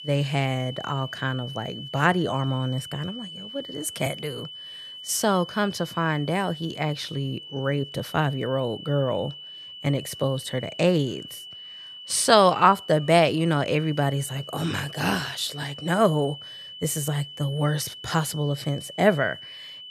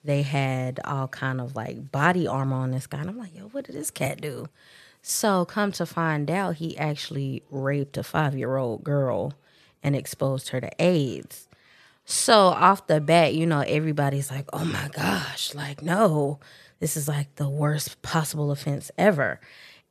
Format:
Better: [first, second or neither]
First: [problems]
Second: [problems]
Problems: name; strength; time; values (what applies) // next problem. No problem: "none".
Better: second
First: high-pitched whine; noticeable; throughout; 3 kHz, 15 dB below the speech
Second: none